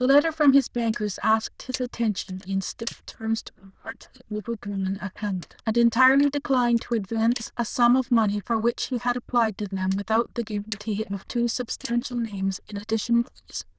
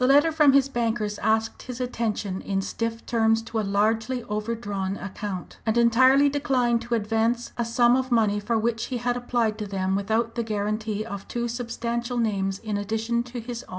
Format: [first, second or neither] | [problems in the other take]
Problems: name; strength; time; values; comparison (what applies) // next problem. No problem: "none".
second | noise reduction (neural diffusion model UNIVERSE++)